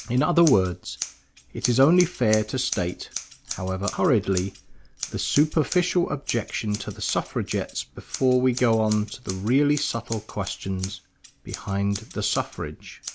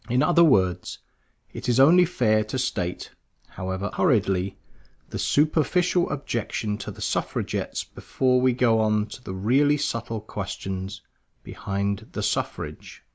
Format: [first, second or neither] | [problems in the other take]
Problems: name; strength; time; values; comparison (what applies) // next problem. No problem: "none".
second | background sound (Scissors); 14 dB below the speech